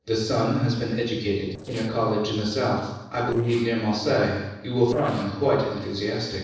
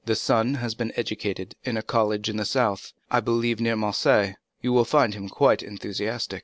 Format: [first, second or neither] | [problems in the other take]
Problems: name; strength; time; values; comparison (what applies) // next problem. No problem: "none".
second | noise reduction (neural separator model SepFormer DNS4)